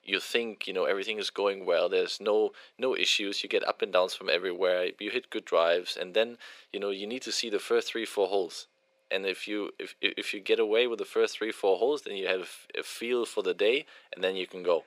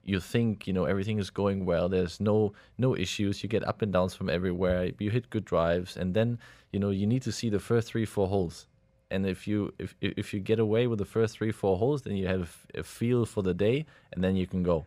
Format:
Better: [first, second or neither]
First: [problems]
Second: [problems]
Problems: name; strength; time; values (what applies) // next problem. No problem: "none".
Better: second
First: thin; very; fading below 350 Hz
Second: none